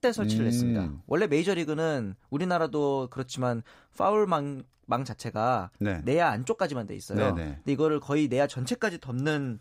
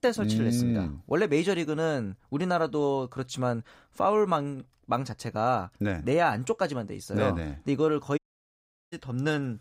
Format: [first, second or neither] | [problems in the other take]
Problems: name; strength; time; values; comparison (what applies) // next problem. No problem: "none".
first | audio cutting out; at 8 s for 0.5 s